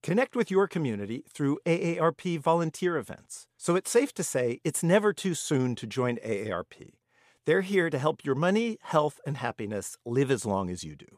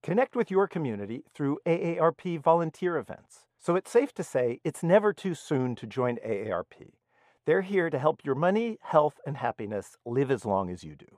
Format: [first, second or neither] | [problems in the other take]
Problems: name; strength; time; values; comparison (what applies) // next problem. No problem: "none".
first | muffled; slightly; fading above 3.5 kHz